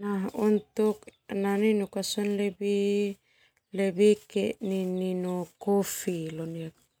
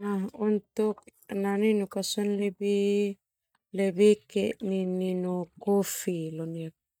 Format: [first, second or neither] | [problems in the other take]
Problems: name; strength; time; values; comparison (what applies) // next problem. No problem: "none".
first | noise reduction (neural mask model DeepFilterNet 3)